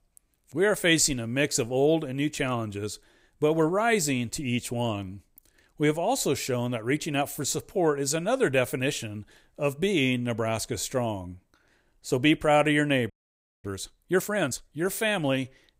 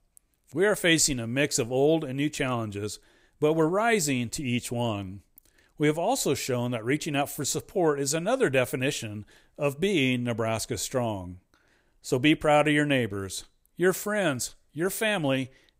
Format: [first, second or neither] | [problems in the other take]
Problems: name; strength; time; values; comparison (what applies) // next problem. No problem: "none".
second | audio freezing; at 13 s for 0.5 s